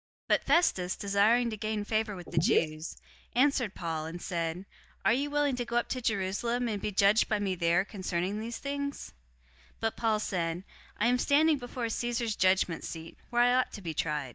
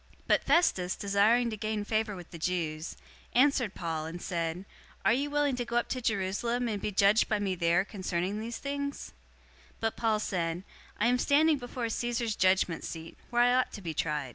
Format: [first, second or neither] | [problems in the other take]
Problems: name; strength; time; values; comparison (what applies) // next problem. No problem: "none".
second | noise reduction (neural mask model DeepFilterNet 3)